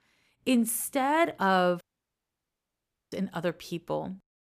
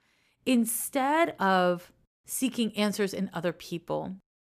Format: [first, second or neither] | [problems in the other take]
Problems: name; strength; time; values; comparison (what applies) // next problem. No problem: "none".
second | audio cutting out; at 2 s for 1.5 s